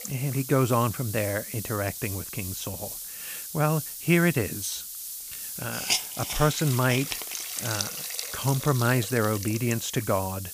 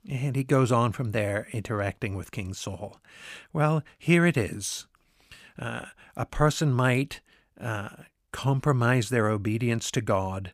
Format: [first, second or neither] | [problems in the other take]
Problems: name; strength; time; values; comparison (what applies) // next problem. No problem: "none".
second | hiss; loud; throughout; 5 dB below the speech